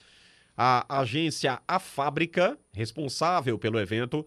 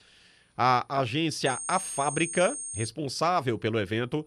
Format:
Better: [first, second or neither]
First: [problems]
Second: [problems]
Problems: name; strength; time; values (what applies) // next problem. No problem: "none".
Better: first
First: none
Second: high-pitched whine; loud; from 1.5 to 3 s; 8.5 kHz, 7 dB below the speech